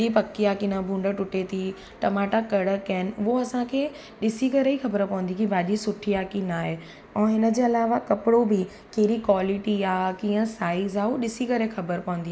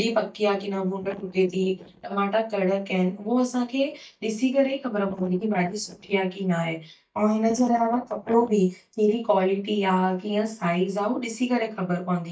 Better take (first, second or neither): first